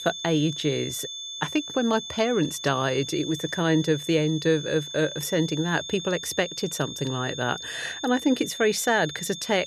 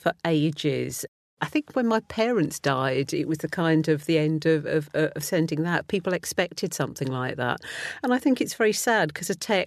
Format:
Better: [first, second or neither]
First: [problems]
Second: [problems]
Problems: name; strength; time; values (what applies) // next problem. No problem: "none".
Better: second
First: high-pitched whine; loud; throughout; 3.5 kHz, 8 dB below the speech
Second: none